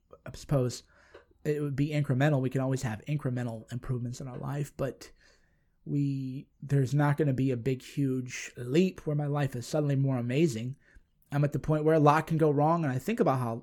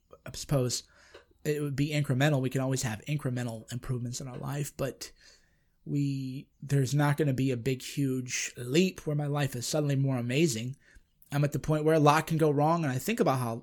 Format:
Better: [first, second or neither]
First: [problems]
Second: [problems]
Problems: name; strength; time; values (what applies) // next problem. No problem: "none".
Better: second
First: muffled; slightly; fading above 2.5 kHz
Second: none